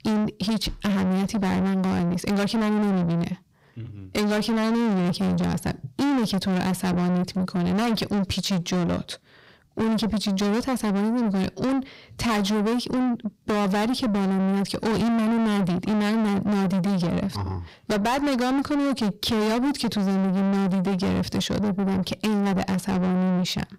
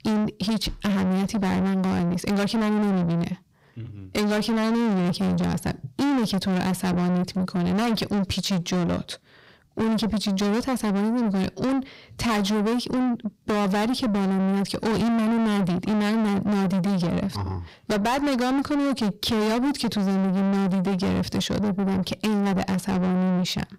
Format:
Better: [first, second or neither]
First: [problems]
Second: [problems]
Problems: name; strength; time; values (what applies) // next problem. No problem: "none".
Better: neither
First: distortion; heavy; 6 dB below the speech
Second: distortion; heavy; 6 dB below the speech